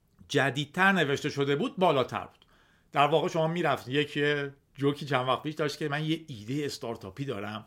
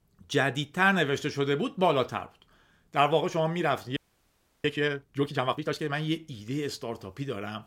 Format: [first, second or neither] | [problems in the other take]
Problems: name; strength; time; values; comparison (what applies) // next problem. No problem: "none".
first | audio freezing; at 4 s for 0.5 s